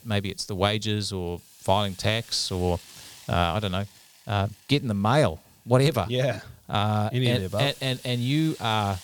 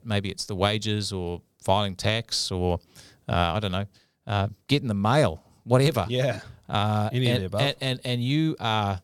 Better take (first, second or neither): second